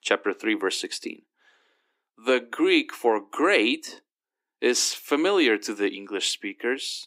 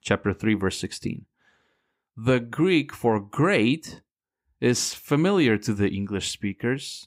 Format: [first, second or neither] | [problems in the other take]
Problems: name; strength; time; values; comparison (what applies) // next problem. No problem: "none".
second | thin; somewhat; fading below 300 Hz